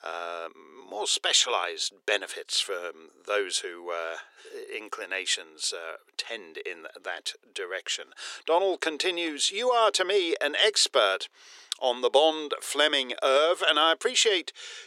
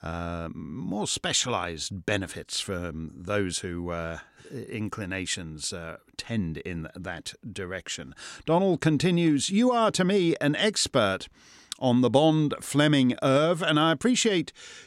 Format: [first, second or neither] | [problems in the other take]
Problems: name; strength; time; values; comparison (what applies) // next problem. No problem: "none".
second | thin; very; fading below 400 Hz